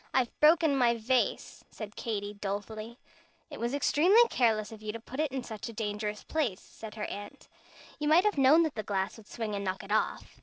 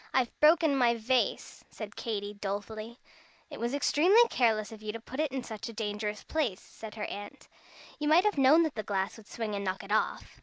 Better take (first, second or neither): second